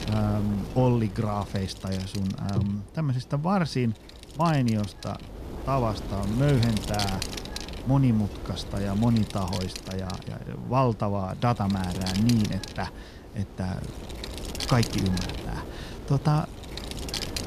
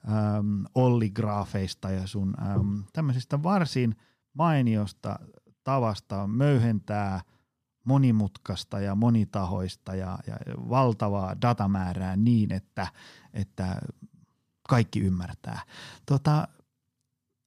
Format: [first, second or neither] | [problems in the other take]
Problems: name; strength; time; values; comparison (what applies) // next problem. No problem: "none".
second | wind noise on the microphone; heavy; 7 dB below the speech